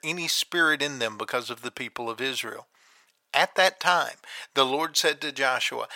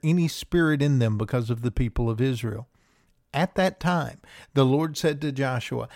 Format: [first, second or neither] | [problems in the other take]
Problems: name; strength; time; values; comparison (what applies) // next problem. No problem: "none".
second | thin; very; fading below 750 Hz